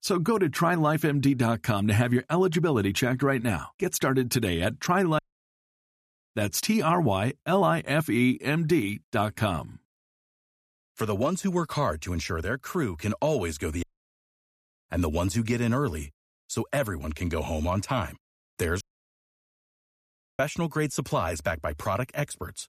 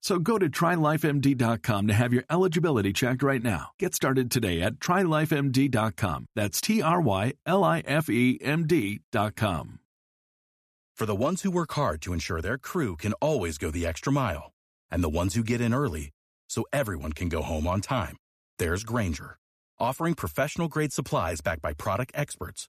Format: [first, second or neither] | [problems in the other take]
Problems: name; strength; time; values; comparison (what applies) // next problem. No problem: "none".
second | audio cutting out; at 5 s for 1 s, at 14 s for 1 s and at 19 s for 1.5 s